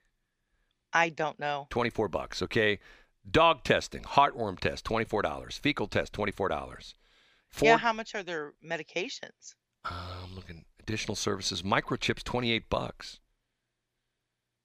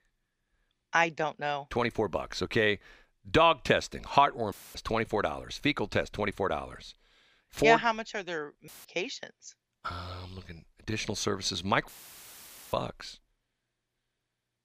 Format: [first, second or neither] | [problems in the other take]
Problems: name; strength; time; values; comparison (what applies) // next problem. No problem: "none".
first | audio cutting out; filled with static; at 4.5 s, at 8.5 s and at 12 s for 1 s